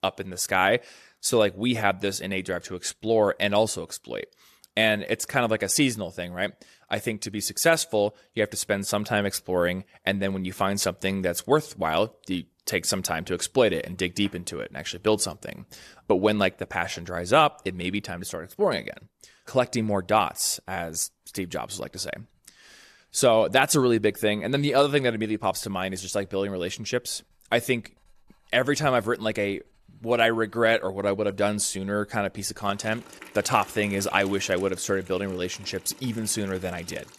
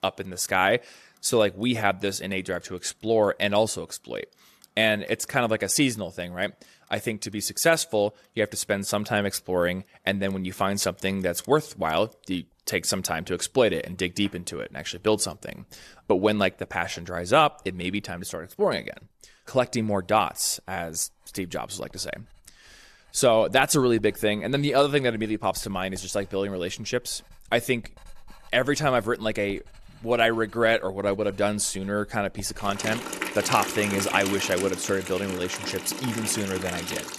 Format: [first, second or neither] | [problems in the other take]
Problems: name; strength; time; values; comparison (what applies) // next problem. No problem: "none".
first | household noises; loud; throughout; 7 dB below the speech; faint in the first